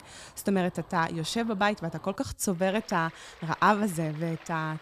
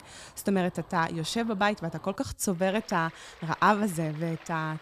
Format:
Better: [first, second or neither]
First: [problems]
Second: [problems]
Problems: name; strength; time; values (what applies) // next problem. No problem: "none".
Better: neither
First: rain or running water; faint; throughout; 20 dB below the speech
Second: rain or running water; faint; throughout; 20 dB below the speech